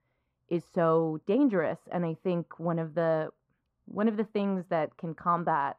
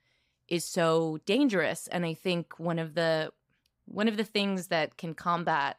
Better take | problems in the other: second | muffled; very; fading above 2.5 kHz

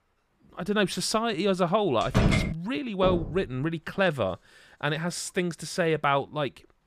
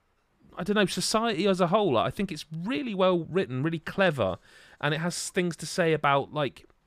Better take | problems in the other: second | door banging; loud; at 2 s; peak 4 dB above the speech // door banging; noticeable; at 3 s; peak 5 dB below the speech

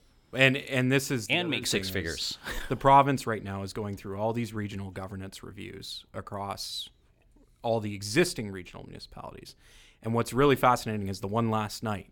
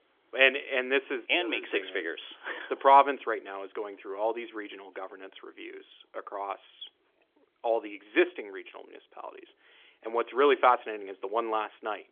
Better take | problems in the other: first | phone-call audio; nothing above 3.5 kHz

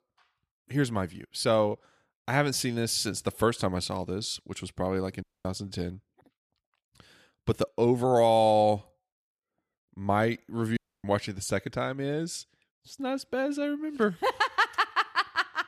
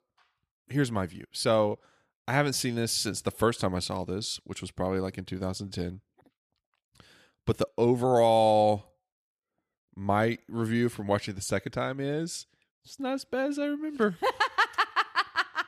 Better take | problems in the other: second | audio cutting out; at 5 s and at 11 s

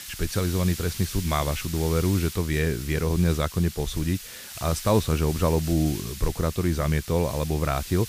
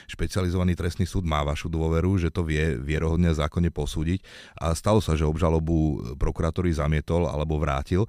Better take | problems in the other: second | hiss; noticeable; throughout; 10 dB below the speech

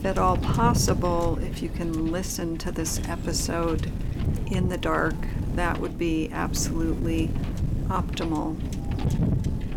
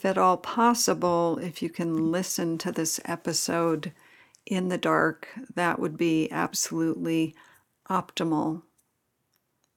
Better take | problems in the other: second | wind noise on the microphone; heavy; 10 dB below the speech

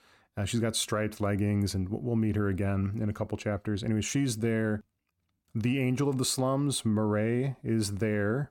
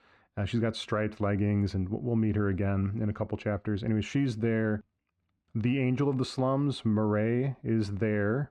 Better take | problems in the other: first | muffled; slightly; fading above 3 kHz

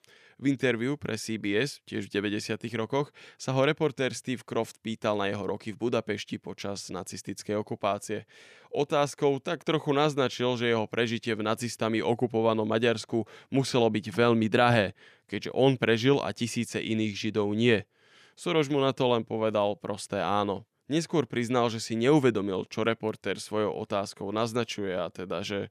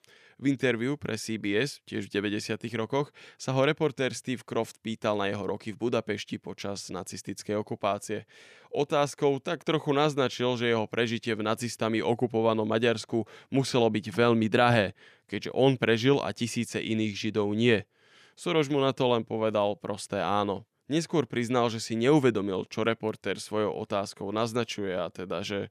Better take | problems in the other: neither | none

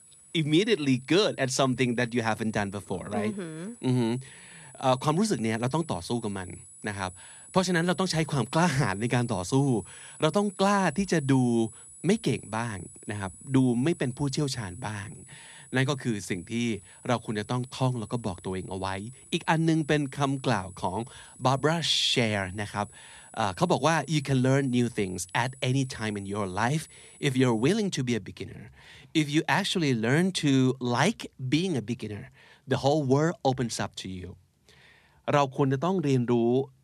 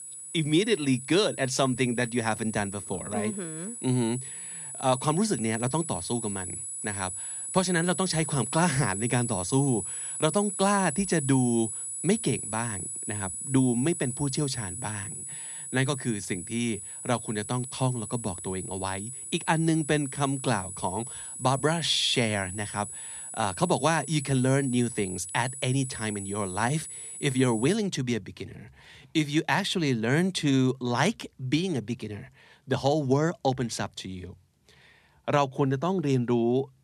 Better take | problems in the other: first | high-pitched whine; loud; until 28 s; 10.5 kHz, 7 dB below the speech; faint in the first

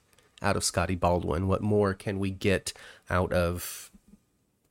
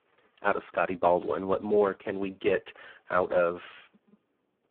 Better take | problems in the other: first | phone-call audio; poor line

